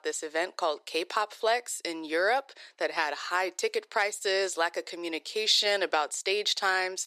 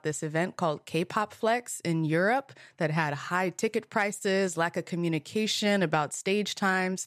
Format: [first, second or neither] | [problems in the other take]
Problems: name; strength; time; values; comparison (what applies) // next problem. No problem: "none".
second | thin; very; fading below 350 Hz